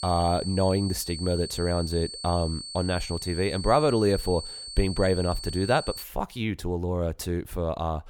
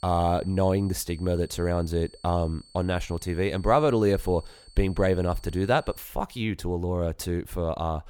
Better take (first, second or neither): second